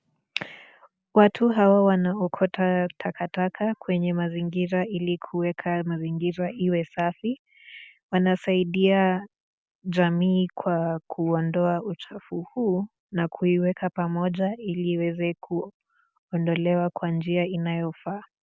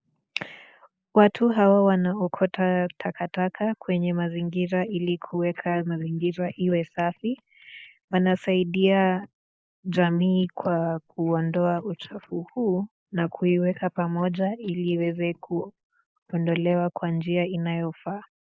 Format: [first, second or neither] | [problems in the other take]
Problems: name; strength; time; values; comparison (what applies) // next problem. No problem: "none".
first | noise reduction (neural mask model Resemble Enhance denoiser)